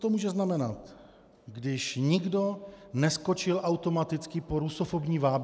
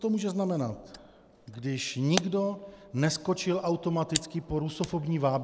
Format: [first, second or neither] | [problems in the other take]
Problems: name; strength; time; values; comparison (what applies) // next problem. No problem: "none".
first | background sound (Camera); 12 dB below the speech